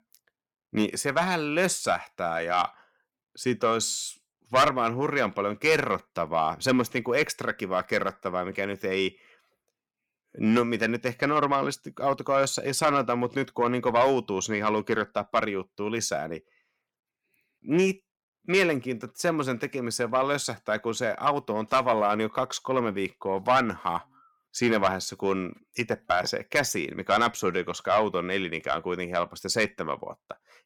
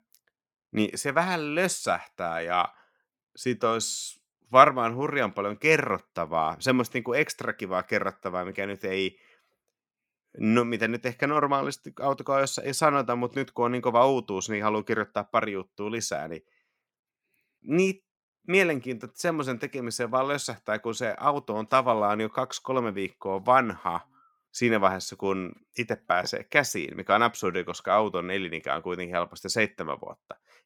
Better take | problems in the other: second | distortion; slight; 10 dB below the speech

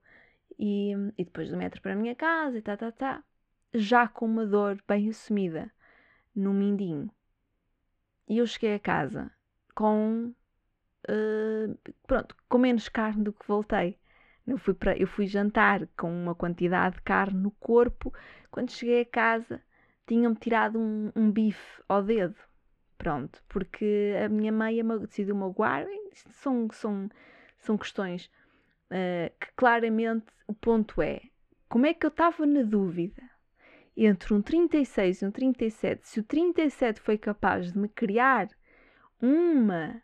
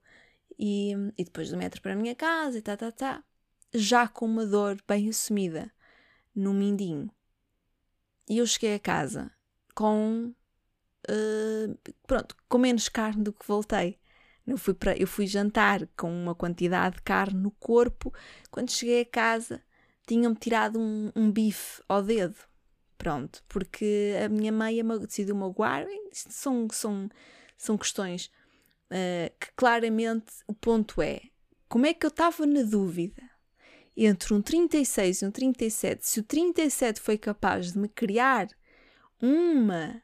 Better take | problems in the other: second | muffled; very; fading above 2 kHz

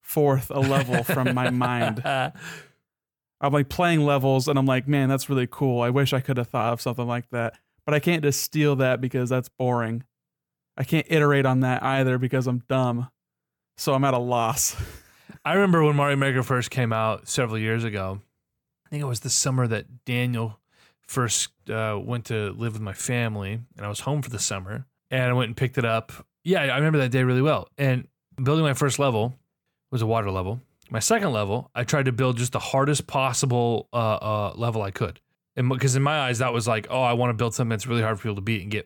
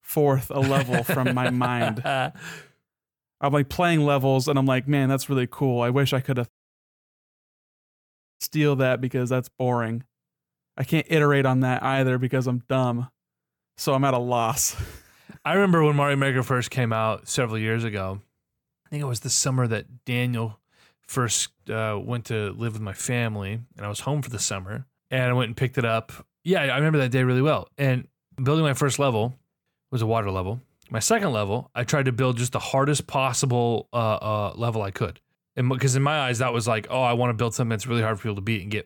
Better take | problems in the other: first | audio cutting out; at 6.5 s for 2 s

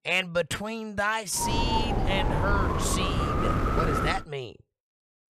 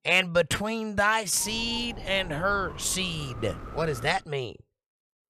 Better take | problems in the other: second | wind noise on the microphone; heavy; from 1.5 to 4 s; 1 dB above the speech; occasional gusts in the second

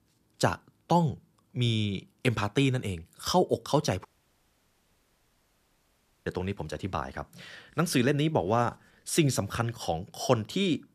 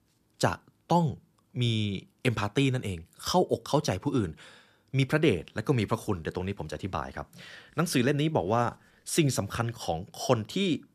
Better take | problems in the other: second | audio cutting out; at 4 s for 2 s

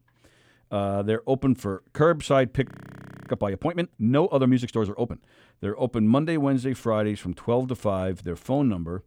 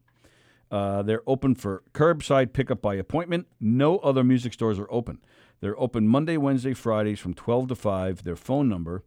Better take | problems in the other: second | audio freezing; at 2.5 s for 0.5 s

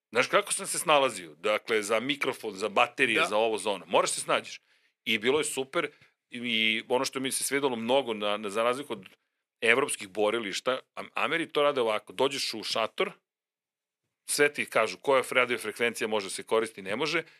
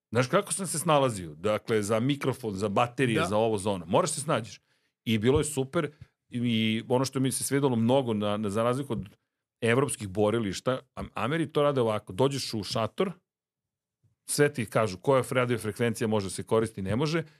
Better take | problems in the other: second | thin; somewhat; fading below 350 Hz

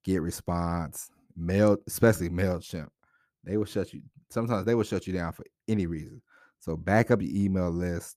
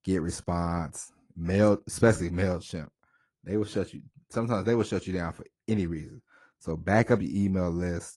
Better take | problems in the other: first | garbled, watery; slightly; nothing above 10.5 kHz

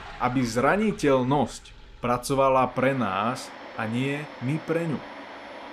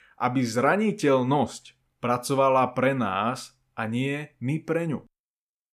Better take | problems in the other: second | household noises; noticeable; throughout; 15 dB below the speech

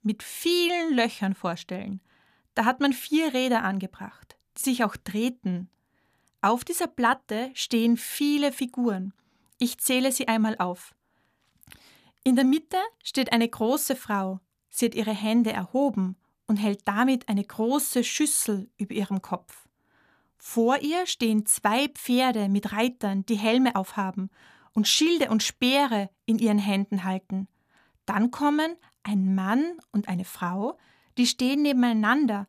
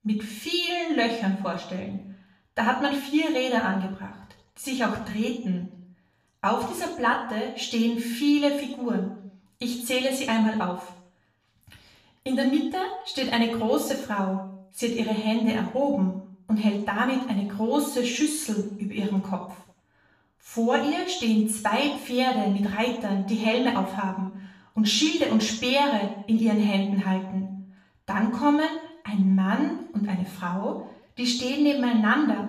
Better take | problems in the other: first | room echo; noticeable; dies away in 0.6 s // off-mic speech; far

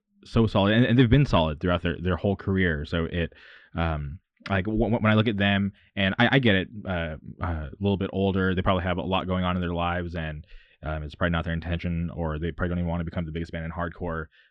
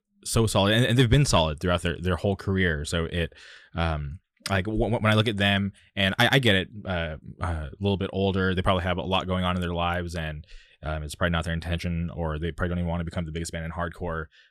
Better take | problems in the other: second | muffled; slightly; fading above 3 kHz

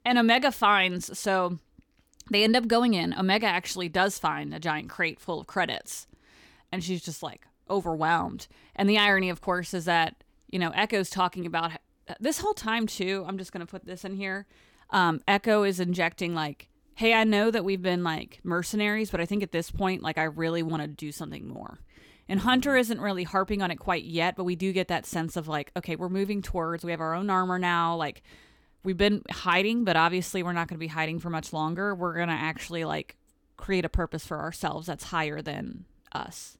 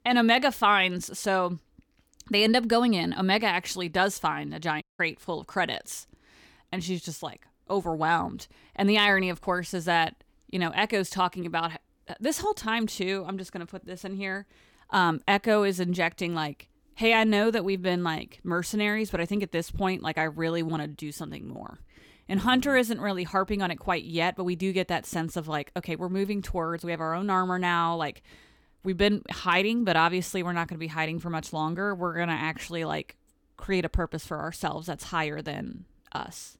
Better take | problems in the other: first | audio cutting out; at 5 s

